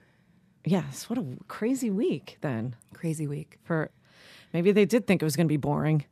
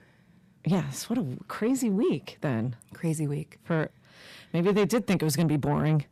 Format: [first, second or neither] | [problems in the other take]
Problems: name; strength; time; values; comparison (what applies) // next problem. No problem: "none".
first | distortion; slight; 10 dB below the speech